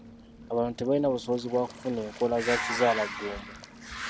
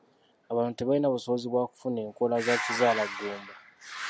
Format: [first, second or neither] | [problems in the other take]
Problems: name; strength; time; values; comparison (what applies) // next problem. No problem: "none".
second | background sound (Waves, surf); 18 dB below the speech